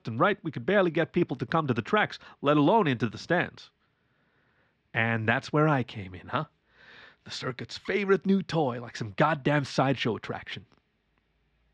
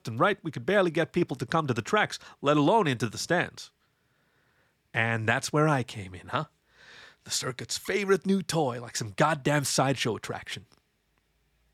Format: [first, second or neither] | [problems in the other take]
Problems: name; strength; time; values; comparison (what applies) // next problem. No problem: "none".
second | muffled; slightly; fading above 4 kHz